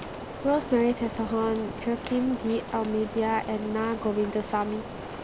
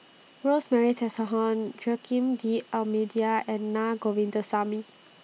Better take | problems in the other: second | background sound (Rain); 9 dB below the speech

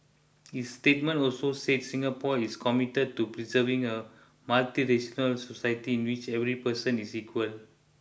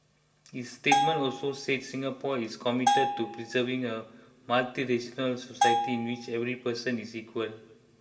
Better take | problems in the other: first | background sound (Bell); 1 dB above the speech // room echo; dies away in 2.2 s

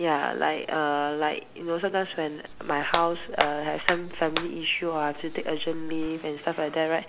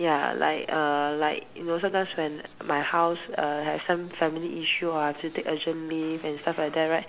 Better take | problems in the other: second | background sound (Hands); 5 dB below the speech

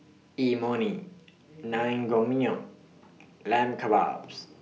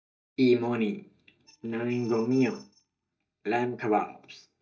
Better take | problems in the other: first | noise reduction (neural mask model DeepFilterNet 3)

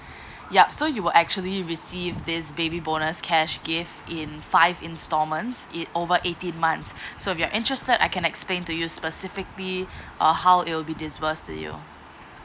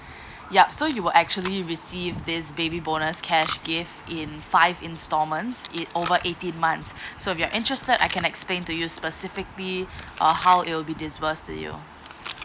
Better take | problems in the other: first | background sound (Chewing, mastication); 18 dB below the speech

